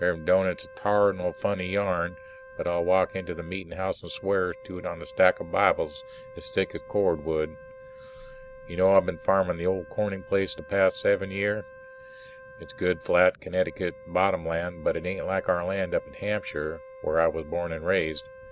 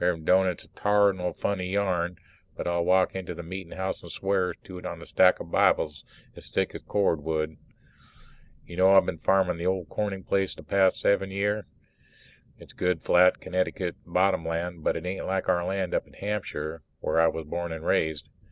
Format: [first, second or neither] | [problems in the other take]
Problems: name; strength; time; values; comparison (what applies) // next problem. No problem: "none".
second | background sound (Wind instrument, woodwind instrument); 19 dB below the speech